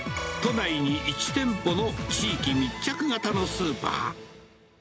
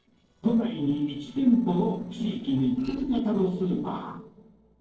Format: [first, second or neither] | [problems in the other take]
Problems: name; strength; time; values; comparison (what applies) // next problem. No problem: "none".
first | noise reduction (neural separator model SepFormer DNS4)